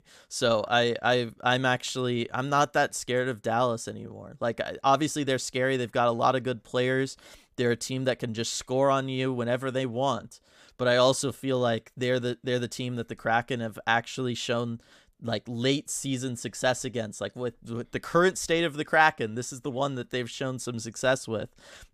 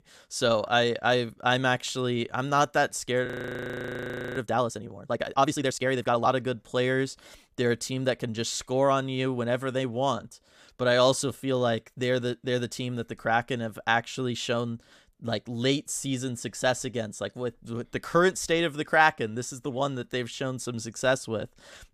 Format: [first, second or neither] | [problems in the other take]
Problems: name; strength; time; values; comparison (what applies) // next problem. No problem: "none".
first | audio freezing; at 3.5 s for 1 s